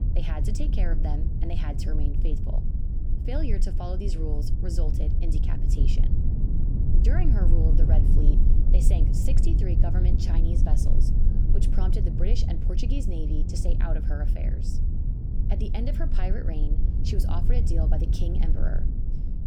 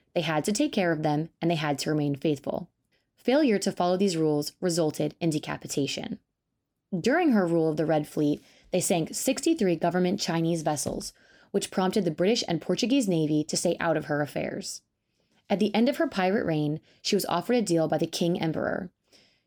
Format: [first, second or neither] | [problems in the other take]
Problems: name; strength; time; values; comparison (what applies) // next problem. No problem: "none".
second | low rumble; loud; throughout; 2 dB below the speech